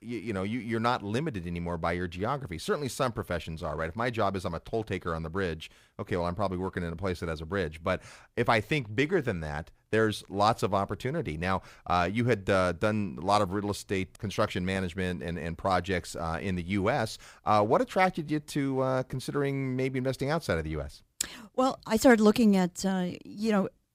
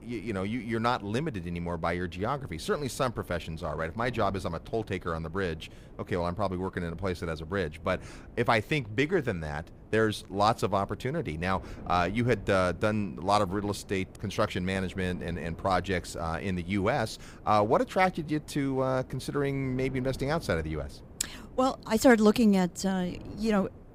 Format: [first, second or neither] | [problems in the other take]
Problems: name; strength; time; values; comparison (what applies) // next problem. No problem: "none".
first | wind noise on the microphone; occasional gusts; 25 dB below the speech